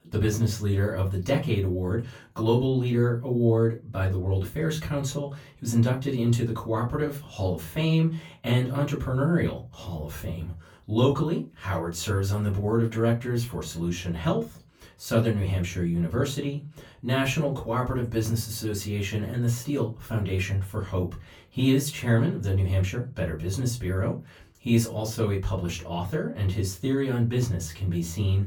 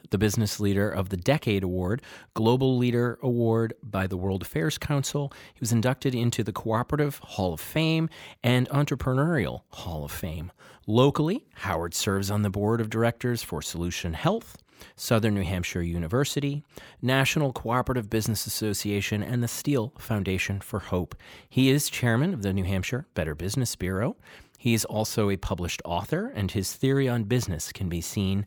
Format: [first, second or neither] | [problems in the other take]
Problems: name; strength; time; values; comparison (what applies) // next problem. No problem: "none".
second | off-mic speech; far // room echo; very slight; dies away in 0.3 s